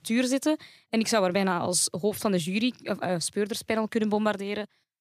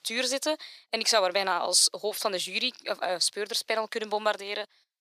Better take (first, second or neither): first